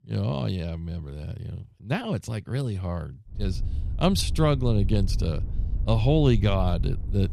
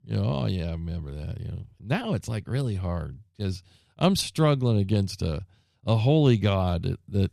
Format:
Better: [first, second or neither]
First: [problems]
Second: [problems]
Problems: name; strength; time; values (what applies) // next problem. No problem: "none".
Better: second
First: wind noise on the microphone; occasional gusts; from 3.5 s on; 20 dB below the speech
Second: none